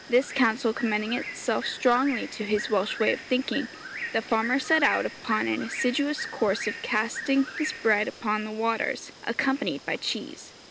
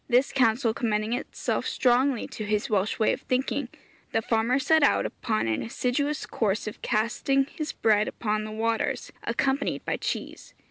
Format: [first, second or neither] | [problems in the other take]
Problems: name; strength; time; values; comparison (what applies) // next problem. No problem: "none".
second | background sound (Bird); 11 dB below the speech